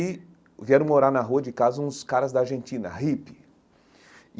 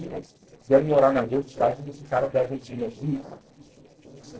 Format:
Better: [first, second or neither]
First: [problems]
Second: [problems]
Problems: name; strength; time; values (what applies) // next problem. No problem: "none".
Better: first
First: none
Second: noise reduction (neural separator model SepFormer DNS4)